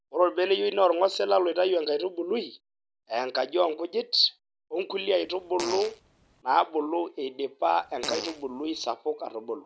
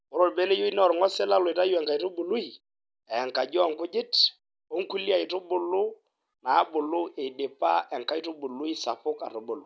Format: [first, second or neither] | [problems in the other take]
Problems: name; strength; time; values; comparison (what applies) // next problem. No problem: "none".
second | background sound (Fart); 12 dB below the speech